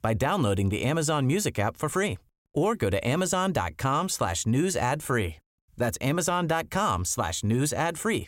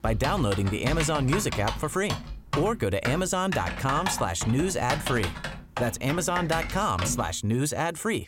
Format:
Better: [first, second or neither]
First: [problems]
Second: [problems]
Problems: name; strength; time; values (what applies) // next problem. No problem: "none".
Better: first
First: none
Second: keyboard typing; noticeable; until 7.5 s; peak 3 dB below the speech